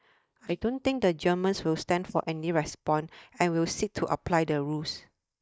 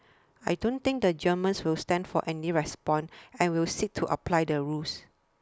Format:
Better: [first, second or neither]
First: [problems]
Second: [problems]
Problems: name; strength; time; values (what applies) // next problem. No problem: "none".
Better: second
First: noise reduction (neural mask model DeepFilterNet 3)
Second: none